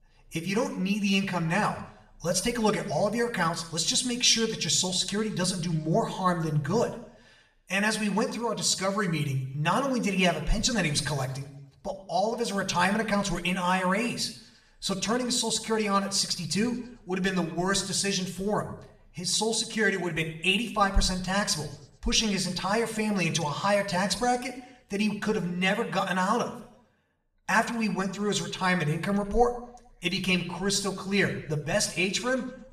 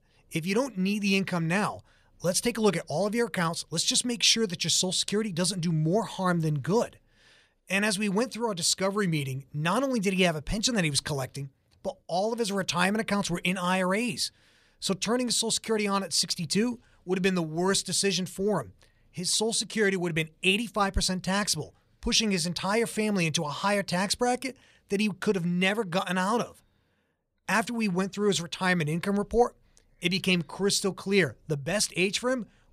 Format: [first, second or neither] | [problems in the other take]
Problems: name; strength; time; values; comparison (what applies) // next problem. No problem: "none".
second | room echo; slight; dies away in 0.6 s // off-mic speech; somewhat distant